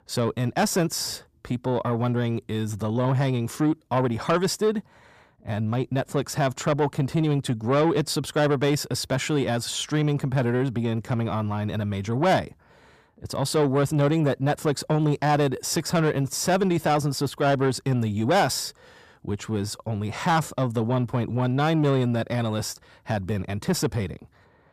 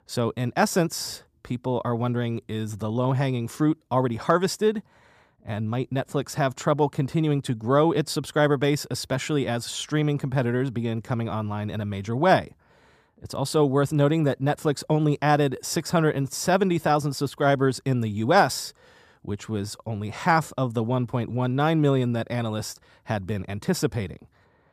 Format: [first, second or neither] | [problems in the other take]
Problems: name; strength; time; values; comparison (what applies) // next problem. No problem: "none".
second | distortion; slight; 10 dB below the speech